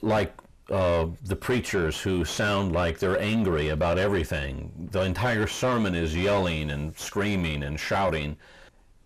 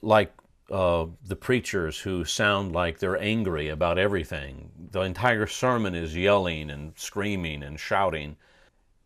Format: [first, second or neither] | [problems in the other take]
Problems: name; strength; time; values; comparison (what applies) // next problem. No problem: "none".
second | distortion; heavy; 6 dB below the speech